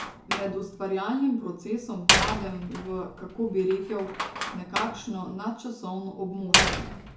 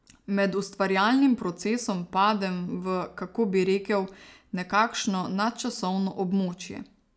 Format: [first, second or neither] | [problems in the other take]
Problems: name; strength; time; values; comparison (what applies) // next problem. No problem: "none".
second | background sound (Slam); 1 dB above the speech // room echo; dies away in 0.6 s